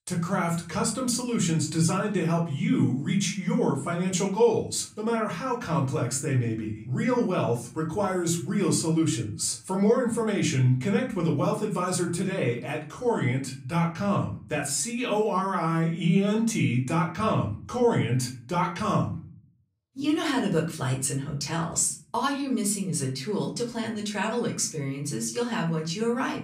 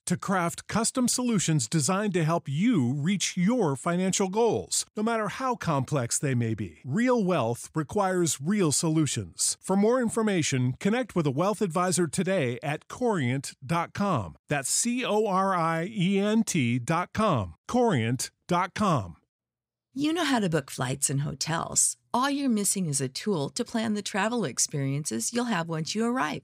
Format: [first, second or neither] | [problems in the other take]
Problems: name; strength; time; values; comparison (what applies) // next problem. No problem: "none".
second | room echo; slight; dies away in 0.4 s // off-mic speech; far